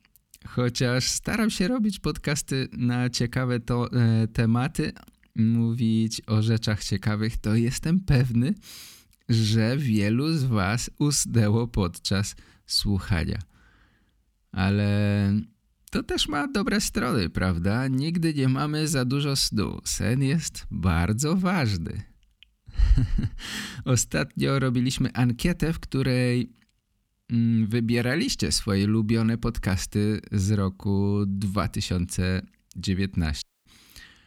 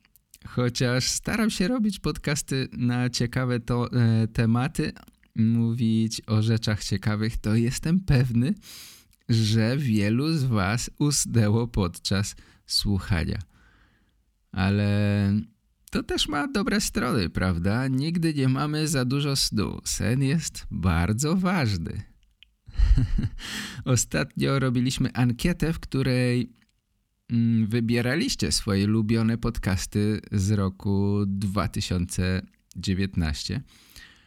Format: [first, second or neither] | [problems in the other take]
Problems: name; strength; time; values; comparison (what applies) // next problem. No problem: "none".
second | audio cutting out; at 33 s